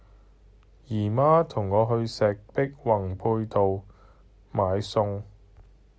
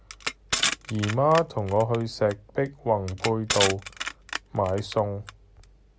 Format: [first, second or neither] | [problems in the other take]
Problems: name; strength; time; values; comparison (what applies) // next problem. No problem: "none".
first | background sound (Crushing); 6 dB below the speech